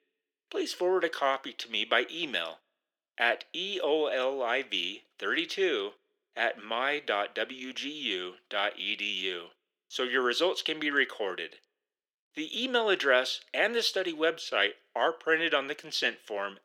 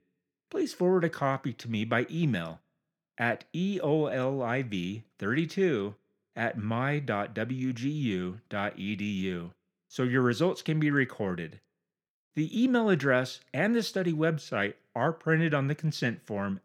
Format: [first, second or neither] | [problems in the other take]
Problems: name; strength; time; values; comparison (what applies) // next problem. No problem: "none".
second | thin; very; fading below 350 Hz